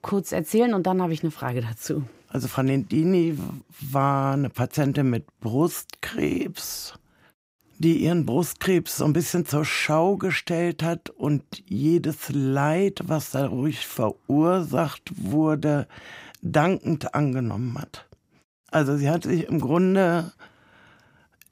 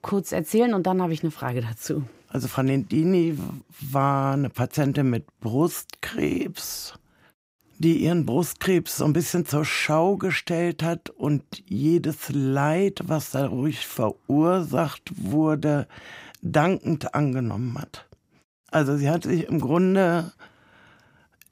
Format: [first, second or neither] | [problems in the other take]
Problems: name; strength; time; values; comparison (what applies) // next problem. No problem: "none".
neither | none